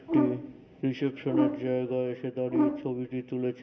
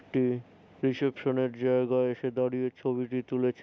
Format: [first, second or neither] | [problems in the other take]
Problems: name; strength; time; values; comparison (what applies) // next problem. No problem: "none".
second | background sound (Brass instrument); as loud as the speech // room echo; dies away in 2.8 s